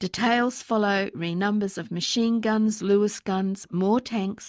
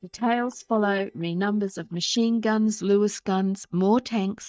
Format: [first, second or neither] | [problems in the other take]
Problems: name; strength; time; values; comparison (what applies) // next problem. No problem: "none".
first | noise reduction (neural mask model DeepFilterNet 3)